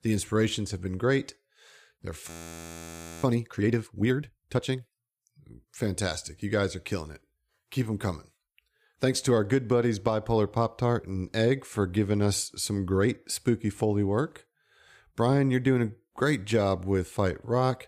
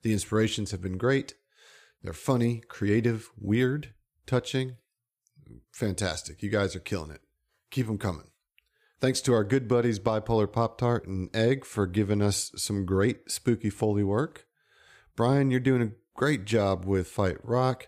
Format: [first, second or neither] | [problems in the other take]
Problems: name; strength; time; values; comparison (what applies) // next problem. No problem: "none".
second | audio freezing; at 2.5 s for 1 s